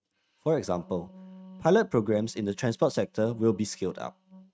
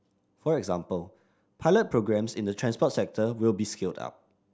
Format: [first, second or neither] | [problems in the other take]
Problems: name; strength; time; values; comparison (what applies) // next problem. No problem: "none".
second | noise reduction (neural mask model RNNoise)